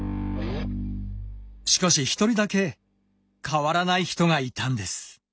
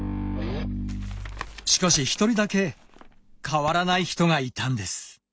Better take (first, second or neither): first